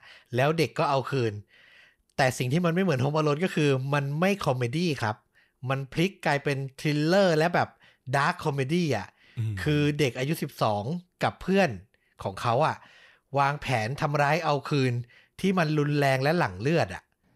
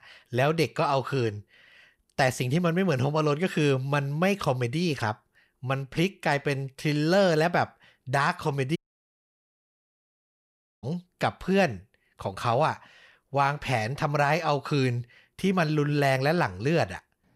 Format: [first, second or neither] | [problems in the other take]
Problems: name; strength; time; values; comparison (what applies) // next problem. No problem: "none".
first | audio cutting out; at 9 s for 2 s